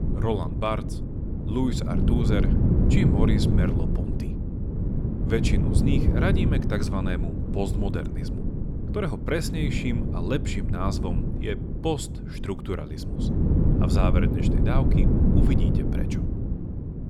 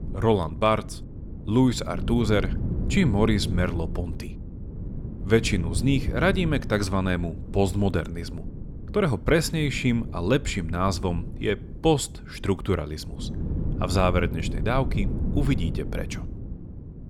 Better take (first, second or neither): second